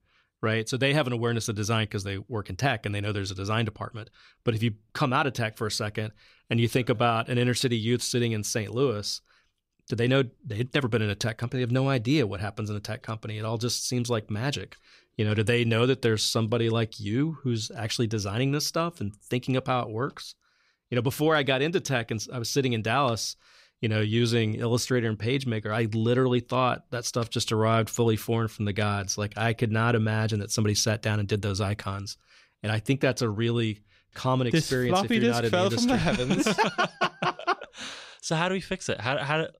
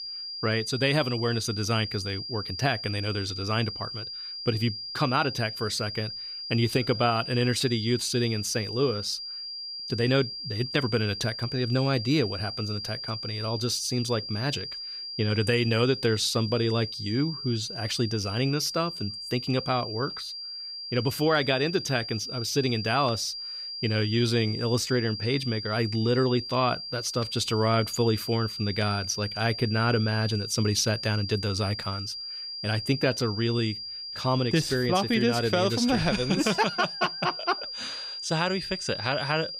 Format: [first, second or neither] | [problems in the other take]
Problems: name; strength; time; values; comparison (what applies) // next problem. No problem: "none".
first | high-pitched whine; loud; throughout; 5 kHz, 7 dB below the speech